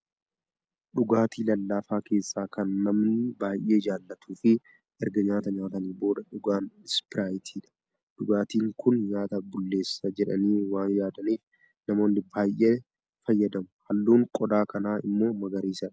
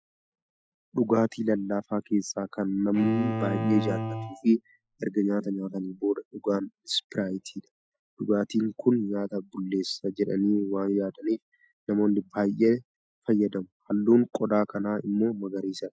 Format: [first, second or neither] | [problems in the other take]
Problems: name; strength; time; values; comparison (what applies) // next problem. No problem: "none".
first | noise reduction (classical method Wiener filter)